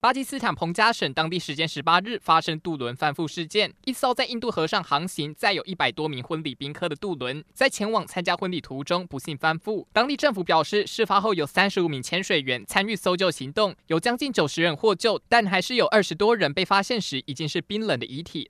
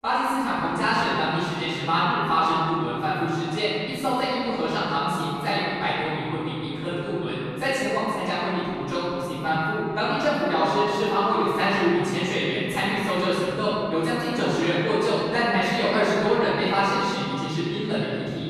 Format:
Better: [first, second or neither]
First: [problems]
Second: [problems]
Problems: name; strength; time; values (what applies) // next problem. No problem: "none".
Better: first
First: none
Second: off-mic speech; far // room echo; strong; dies away in 3 s